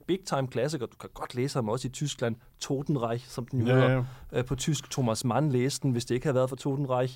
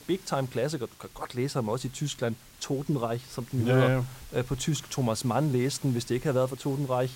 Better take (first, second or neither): first